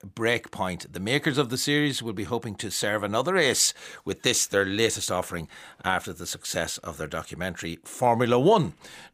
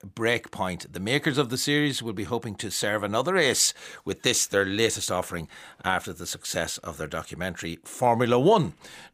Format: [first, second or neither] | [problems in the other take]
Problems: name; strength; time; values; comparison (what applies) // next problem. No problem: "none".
neither | none